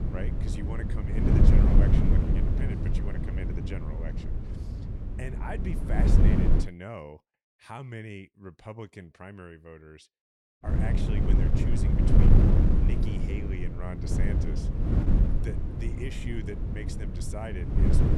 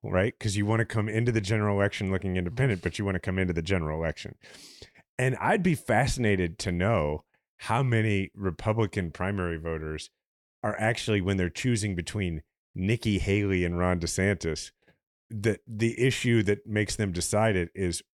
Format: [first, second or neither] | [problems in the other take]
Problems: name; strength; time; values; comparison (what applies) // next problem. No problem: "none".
second | wind noise on the microphone; heavy; until 6.5 s and from 11 s on; 4 dB above the speech